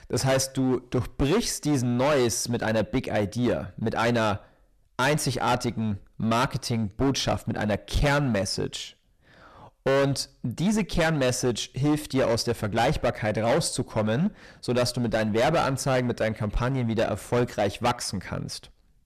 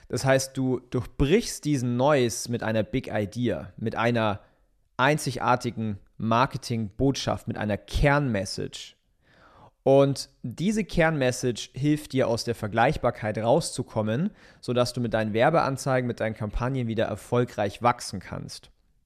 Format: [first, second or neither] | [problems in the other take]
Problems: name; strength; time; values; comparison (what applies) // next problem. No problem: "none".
second | distortion; heavy; 13% of the sound clipped